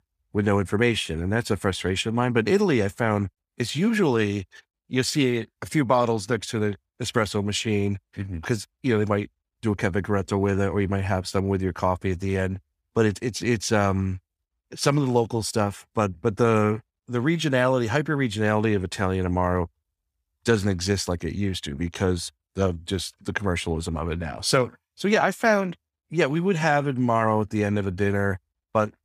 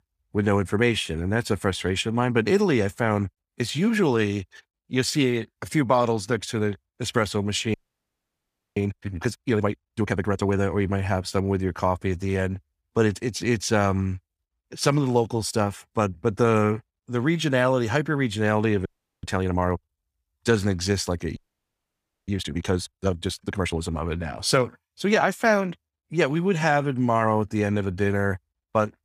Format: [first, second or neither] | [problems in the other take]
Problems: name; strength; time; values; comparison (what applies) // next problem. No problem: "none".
first | audio freezing; at 7.5 s for 1 s, at 19 s and at 21 s for 1 s